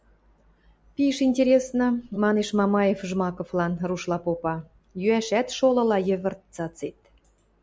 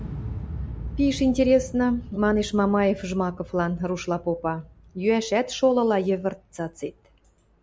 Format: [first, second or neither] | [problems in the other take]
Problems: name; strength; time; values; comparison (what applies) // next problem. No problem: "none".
first | background sound (Explosion); 13 dB below the speech